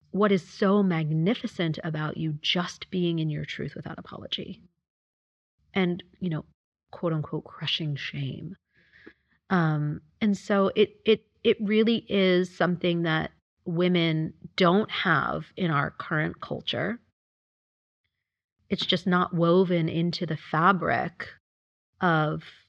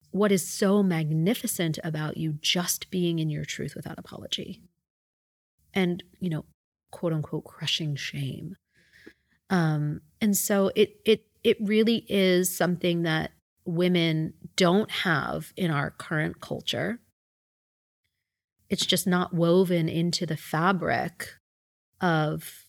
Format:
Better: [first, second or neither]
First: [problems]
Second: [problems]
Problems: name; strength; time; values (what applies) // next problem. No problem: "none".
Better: second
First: muffled; slightly; fading above 4 kHz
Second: none